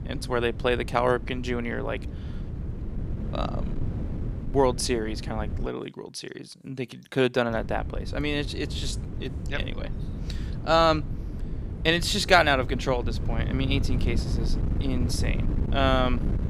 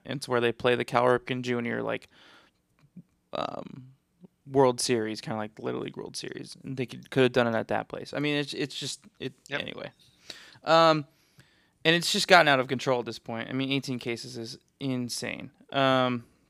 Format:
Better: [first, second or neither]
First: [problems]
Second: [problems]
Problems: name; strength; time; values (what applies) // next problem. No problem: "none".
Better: second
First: wind noise on the microphone; occasional gusts; until 5.5 s and from 7.5 s on; 15 dB below the speech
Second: none